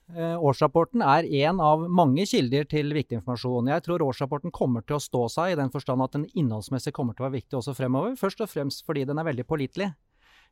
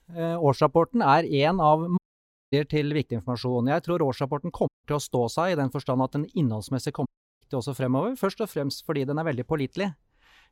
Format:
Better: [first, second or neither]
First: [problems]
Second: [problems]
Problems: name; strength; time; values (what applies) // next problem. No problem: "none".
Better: first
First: none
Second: audio cutting out; at 2 s for 0.5 s, at 4.5 s and at 7 s